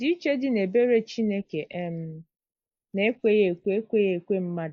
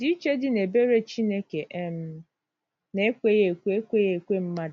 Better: second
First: noise reduction (neural mask model Resemble Enhance denoiser)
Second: none

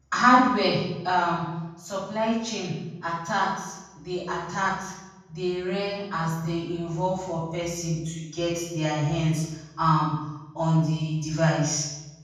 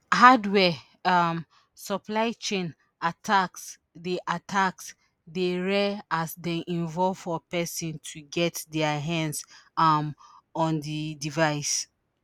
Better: second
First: room echo; dies away in 1.2 s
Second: none

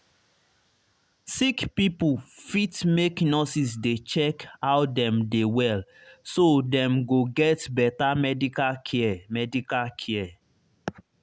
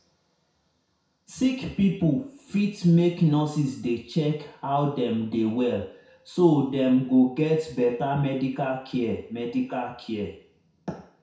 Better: first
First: none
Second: room echo; dies away in 0.6 s

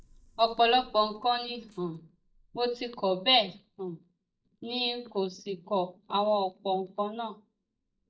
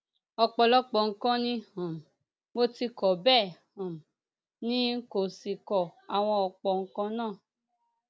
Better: second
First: noise reduction (neural mask model DeepFilterNet 3)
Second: none

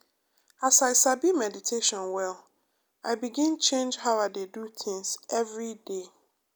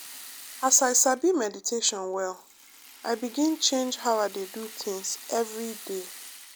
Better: first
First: none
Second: background sound (Rattle (instrument)); 18 dB below the speech

